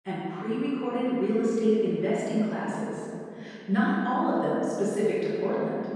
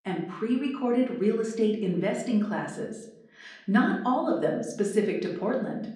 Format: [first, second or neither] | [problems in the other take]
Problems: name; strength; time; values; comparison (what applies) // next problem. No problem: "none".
second | room echo; strong; dies away in 2.5 s; slight in the second // off-mic speech; far; far in the second